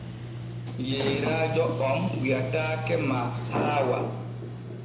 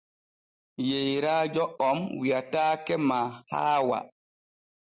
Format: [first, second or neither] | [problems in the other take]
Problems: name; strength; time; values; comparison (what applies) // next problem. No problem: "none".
second | background sound (Sliding door); 3 dB below the speech // room echo; dies away in 0.8 s